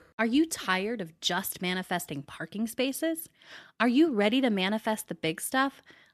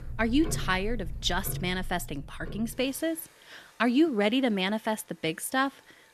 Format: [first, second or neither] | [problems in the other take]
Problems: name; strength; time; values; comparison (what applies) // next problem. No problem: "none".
first | household noises; noticeable; throughout; 10 dB below the speech